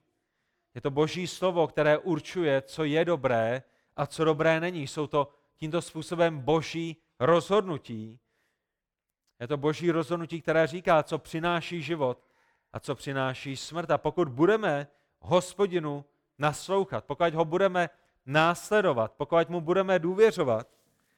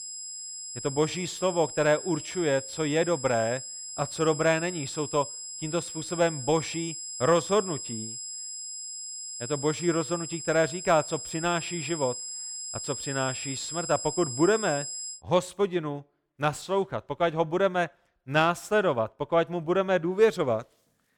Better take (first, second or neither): first